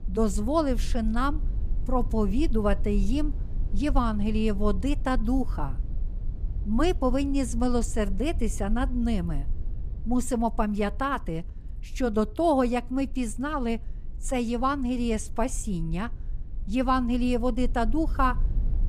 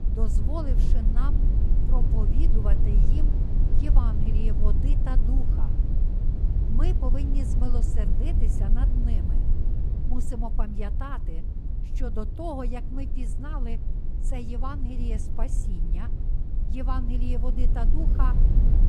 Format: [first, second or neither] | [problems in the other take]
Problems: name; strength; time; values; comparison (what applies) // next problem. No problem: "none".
first | low rumble; loud; throughout; 4 dB below the speech; faint in the first